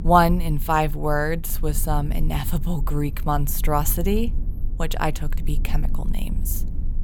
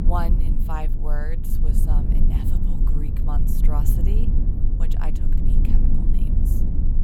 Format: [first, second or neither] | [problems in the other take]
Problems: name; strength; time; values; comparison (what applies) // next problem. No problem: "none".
first | low rumble; loud; throughout; 2 dB below the speech; faint in the first